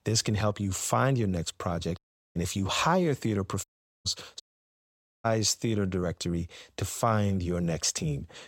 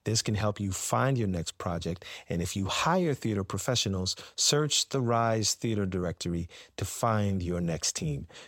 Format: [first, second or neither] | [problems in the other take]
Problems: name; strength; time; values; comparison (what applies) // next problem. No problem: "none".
second | audio cutting out; at 2 s, at 3.5 s and at 4.5 s for 1 s